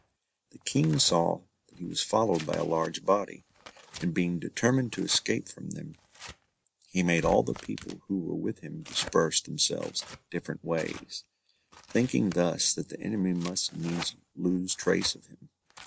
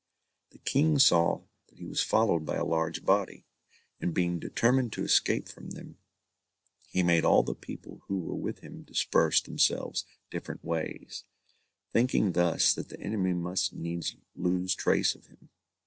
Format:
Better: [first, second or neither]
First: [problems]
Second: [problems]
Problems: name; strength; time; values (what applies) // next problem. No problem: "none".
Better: second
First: background sound (Tearing); 18 dB below the speech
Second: none